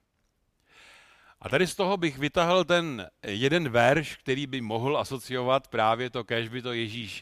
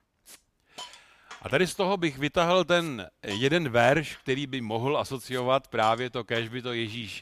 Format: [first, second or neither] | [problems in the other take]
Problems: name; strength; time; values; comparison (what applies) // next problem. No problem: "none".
first | hiss; faint; throughout; 20 dB below the speech